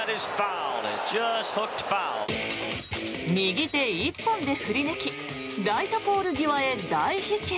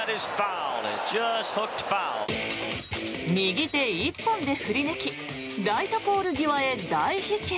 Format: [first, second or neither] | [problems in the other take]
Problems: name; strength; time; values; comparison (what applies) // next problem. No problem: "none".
second | background sound (Wind instrument, woodwind instrument); 19 dB below the speech